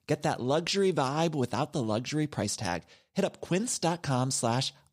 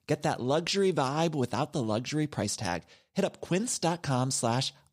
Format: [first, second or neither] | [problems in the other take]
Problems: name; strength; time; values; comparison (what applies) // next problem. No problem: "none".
neither | none